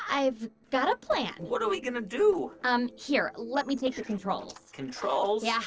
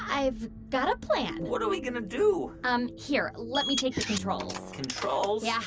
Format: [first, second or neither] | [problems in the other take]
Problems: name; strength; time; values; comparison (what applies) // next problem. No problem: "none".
second | noise reduction (neural separator model SepFormer DNS4)